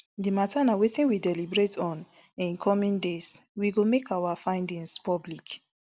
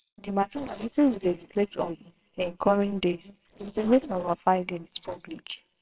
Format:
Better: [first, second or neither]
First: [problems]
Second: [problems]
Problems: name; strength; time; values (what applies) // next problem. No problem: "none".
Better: first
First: none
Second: noise reduction (neural separator model SepFormer WHAMR!)